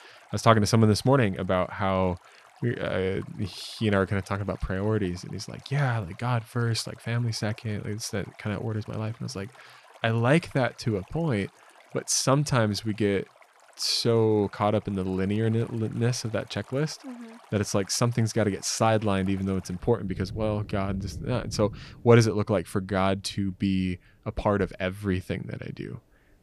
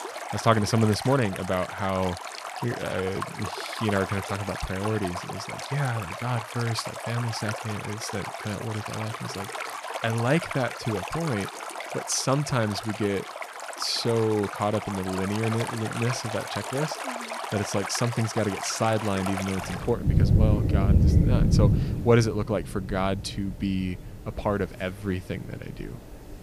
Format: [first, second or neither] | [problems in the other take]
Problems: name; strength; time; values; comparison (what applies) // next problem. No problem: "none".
first | rain or running water; loud; throughout; 2 dB below the speech; faint in the first